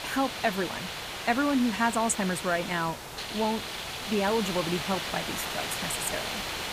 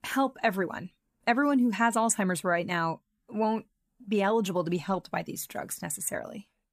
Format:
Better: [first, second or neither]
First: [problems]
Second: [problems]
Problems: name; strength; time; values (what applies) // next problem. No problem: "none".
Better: second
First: hiss; loud; throughout; 4 dB below the speech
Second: none